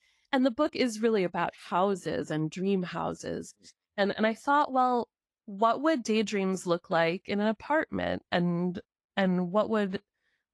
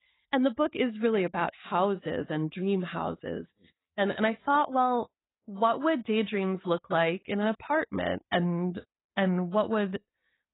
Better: first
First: garbled, watery; slightly; nothing above 11.5 kHz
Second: garbled, watery; badly; nothing above 4 kHz

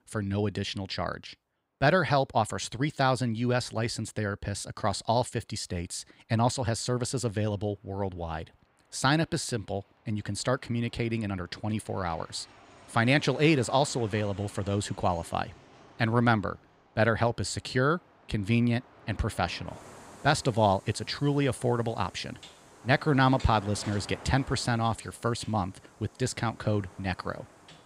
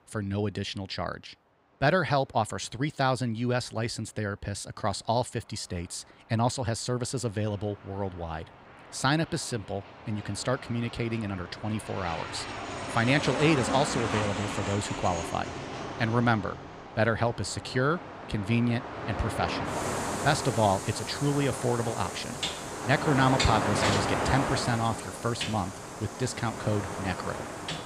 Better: first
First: train or aircraft noise; faint; throughout; 20 dB below the speech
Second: train or aircraft noise; loud; throughout; 4 dB below the speech

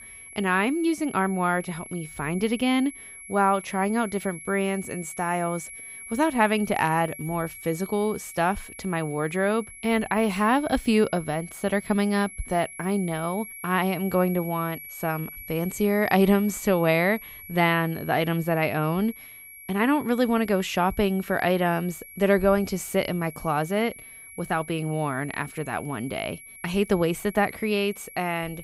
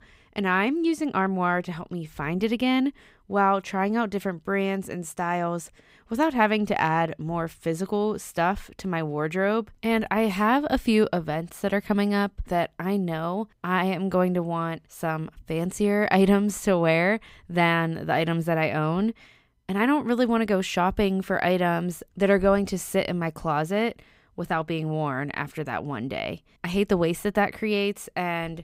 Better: second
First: high-pitched whine; noticeable; throughout; 2.5 kHz, 15 dB below the speech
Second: none

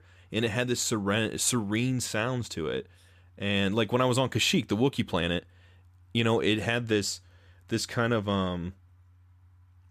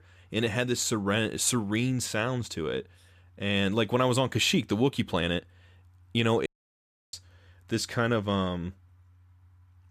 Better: first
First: none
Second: audio cutting out; at 6.5 s for 0.5 s

